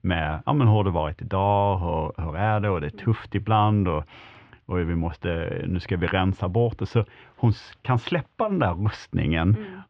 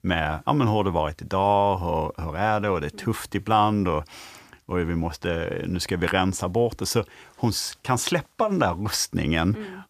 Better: second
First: muffled; very; fading above 3 kHz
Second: none

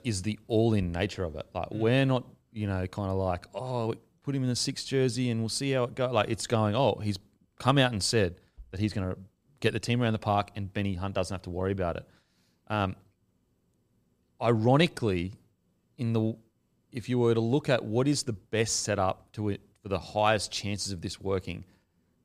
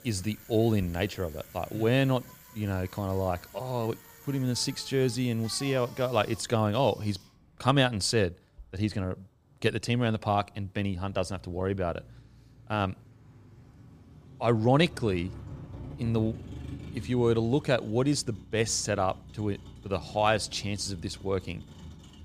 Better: first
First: none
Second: traffic noise; noticeable; throughout; 20 dB below the speech

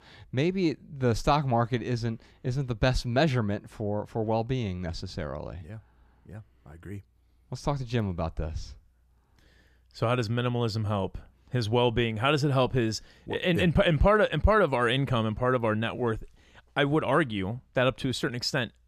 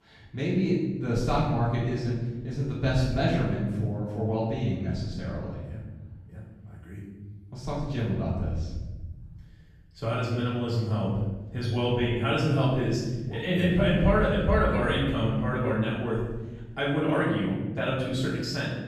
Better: first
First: none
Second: off-mic speech; far // room echo; noticeable; dies away in 1.6 s

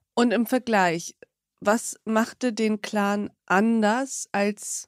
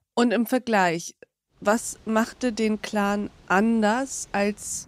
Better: first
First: none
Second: rain or running water; faint; from 1.5 s on; 30 dB below the speech

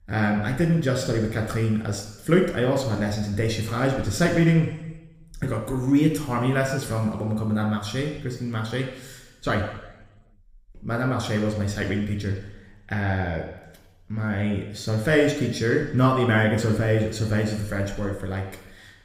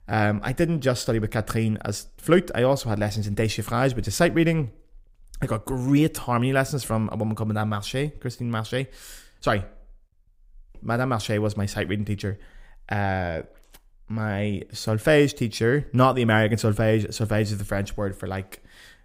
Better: second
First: room echo; noticeable; dies away in 1 s // off-mic speech; somewhat distant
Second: none

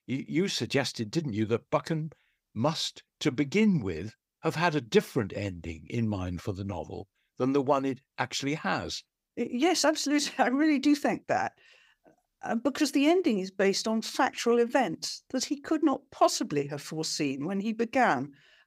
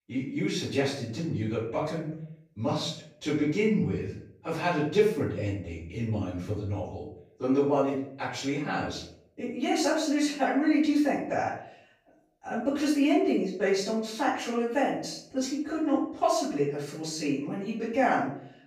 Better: first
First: none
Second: off-mic speech; far // room echo; noticeable; dies away in 0.5 s

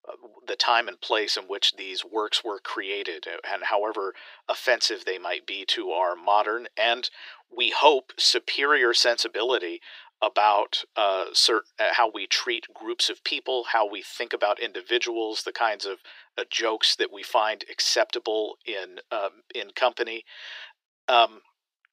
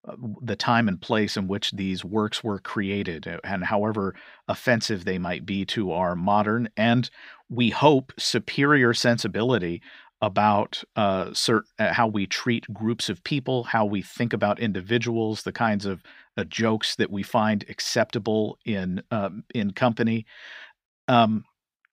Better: second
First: thin; very; fading below 350 Hz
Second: none

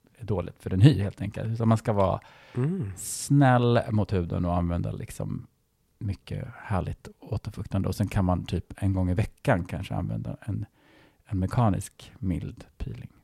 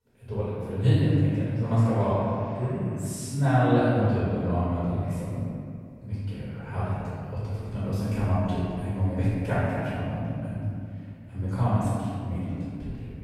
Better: first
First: none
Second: off-mic speech; far // room echo; strong; dies away in 2.2 s

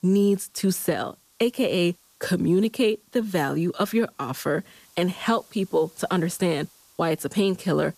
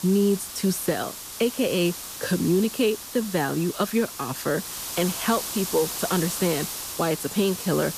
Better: first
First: hiss; faint; throughout; 30 dB below the speech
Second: hiss; loud; throughout; 7 dB below the speech

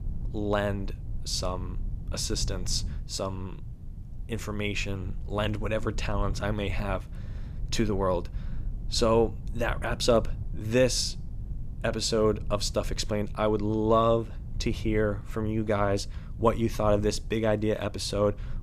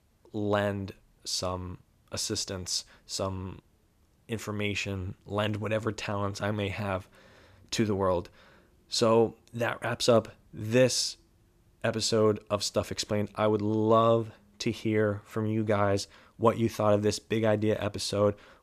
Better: second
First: low rumble; faint; throughout; 25 dB below the speech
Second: none

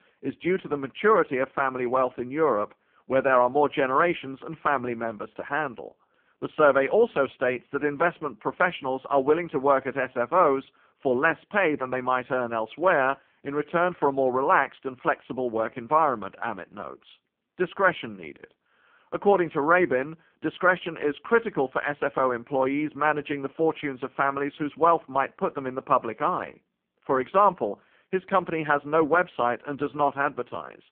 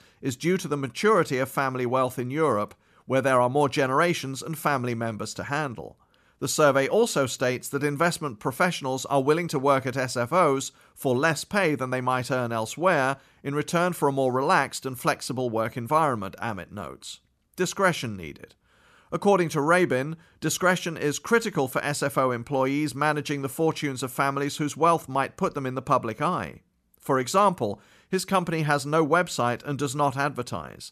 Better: second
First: phone-call audio; poor line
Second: none

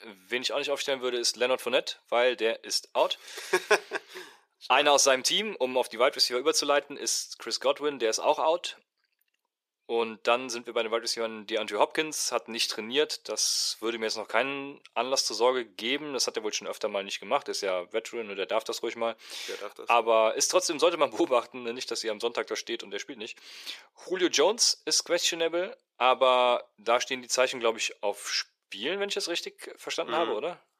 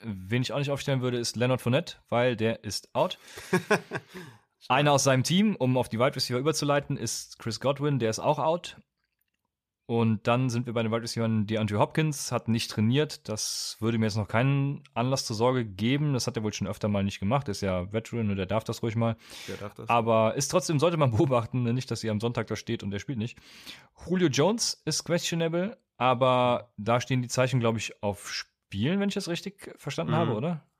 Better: second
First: thin; very; fading below 350 Hz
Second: none

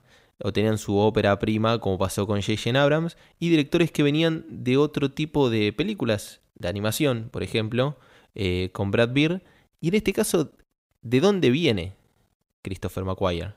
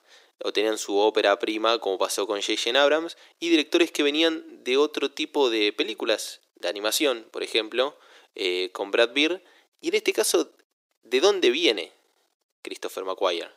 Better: first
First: none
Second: thin; somewhat; fading below 350 Hz

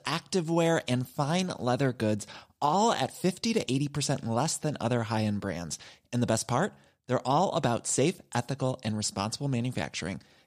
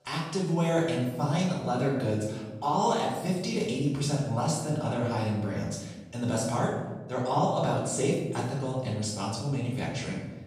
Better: first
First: none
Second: off-mic speech; far // room echo; noticeable; dies away in 1.1 s

